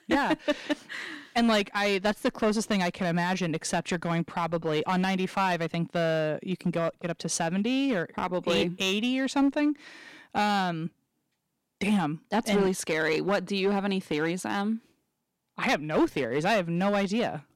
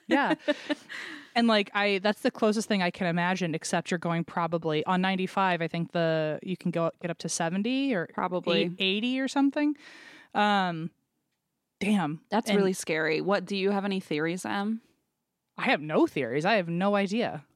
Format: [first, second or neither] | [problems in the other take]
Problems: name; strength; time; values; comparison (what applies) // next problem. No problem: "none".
second | distortion; slight; 5% of the sound clipped